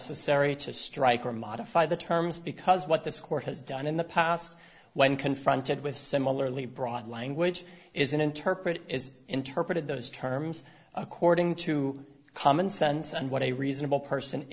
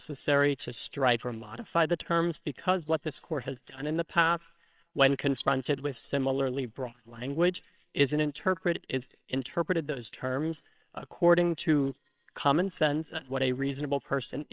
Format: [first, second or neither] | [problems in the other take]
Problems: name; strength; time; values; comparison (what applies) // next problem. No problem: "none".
first | noise reduction (neural separator model SepFormer WHAMR!)